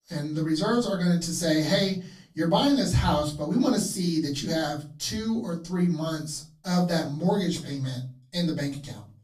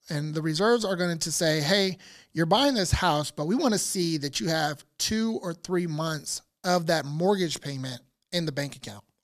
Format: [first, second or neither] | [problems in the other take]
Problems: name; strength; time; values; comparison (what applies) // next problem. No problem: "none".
second | room echo; slight; dies away in 0.4 s // off-mic speech; far